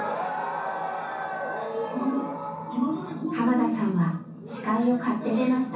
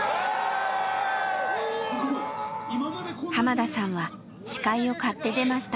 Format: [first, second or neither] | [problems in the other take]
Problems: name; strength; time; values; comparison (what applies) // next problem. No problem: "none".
second | room echo; dies away in 0.6 s